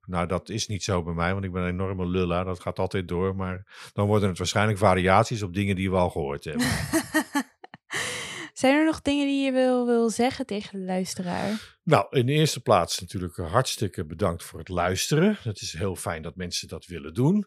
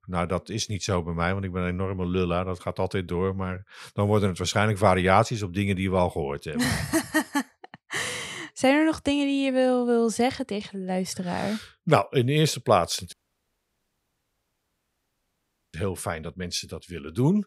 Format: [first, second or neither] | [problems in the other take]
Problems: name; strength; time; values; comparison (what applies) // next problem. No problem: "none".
first | audio cutting out; at 13 s for 2.5 s